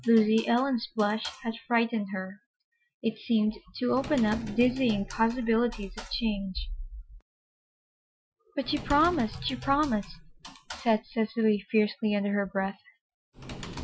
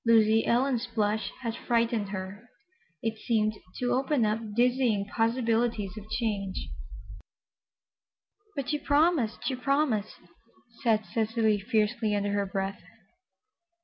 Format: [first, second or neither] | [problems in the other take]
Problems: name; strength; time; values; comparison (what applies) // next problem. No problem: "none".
second | noise reduction (classical method Wiener filter)